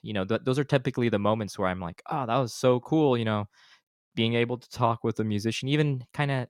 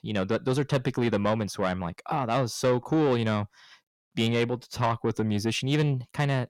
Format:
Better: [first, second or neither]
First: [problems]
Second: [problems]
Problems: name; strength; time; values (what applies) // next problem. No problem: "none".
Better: first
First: none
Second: distortion; slight; 10 dB below the speech